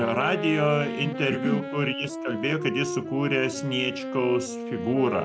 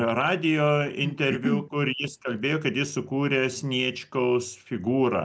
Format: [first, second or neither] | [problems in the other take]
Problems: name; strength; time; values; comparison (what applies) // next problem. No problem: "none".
second | background sound (Wind instrument, woodwind instrument); 7 dB below the speech